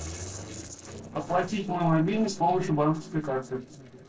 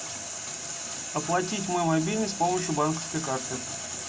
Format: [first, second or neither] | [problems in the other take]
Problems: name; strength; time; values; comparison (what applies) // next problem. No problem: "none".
second | noise reduction (neural separator model SepFormer DNS4)